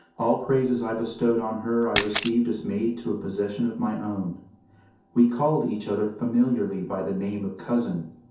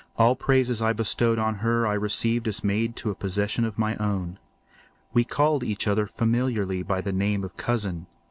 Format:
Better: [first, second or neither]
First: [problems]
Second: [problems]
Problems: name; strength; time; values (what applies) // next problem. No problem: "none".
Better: second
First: background sound (Camera); 6 dB below the speech // room echo; dies away in 0.6 s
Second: none